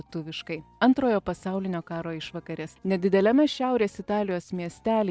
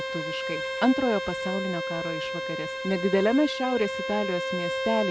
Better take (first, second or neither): first